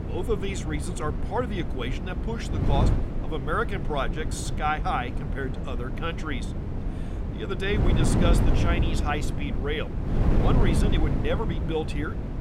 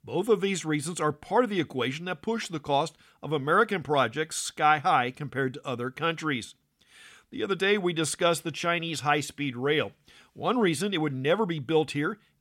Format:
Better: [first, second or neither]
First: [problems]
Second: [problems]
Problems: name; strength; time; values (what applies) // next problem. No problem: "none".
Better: second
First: wind noise on the microphone; heavy; 5 dB below the speech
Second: none